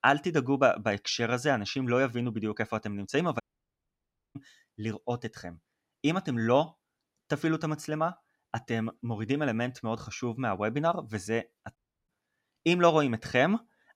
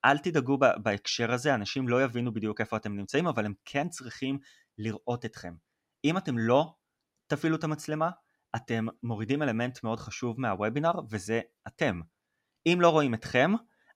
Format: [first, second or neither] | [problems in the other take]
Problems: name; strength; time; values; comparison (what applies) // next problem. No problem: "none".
second | audio cutting out; at 3.5 s for 1 s and at 12 s